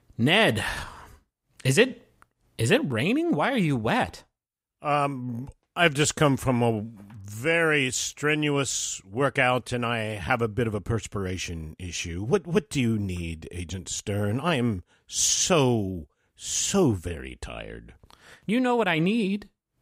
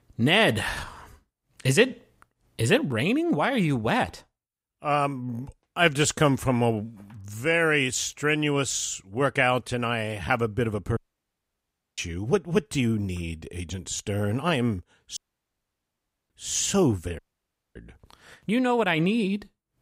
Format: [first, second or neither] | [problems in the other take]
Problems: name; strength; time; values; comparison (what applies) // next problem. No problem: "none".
first | audio cutting out; at 11 s for 1 s, at 15 s for 1 s and at 17 s for 0.5 s